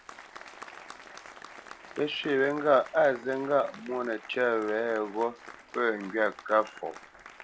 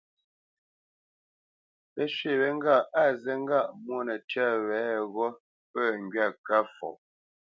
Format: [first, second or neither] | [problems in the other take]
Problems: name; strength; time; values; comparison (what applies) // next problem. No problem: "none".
second | background sound (Applause); 18 dB below the speech